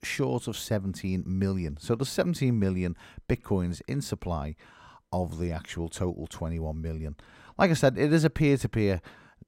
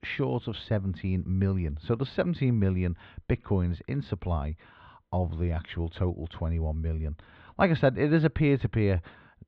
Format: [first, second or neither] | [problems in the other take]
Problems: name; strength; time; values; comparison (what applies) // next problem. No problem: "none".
first | muffled; slightly; fading above 3.5 kHz